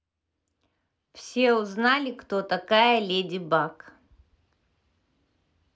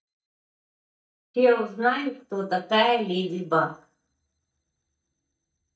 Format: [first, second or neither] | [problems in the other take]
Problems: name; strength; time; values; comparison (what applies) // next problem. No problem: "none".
first | noise reduction (neural mask model DeepFilterNet 3)